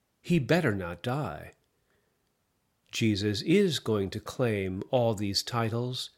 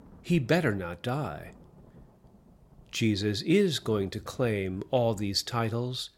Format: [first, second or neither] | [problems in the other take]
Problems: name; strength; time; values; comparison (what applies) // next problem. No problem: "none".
first | rain or running water; faint; throughout; 25 dB below the speech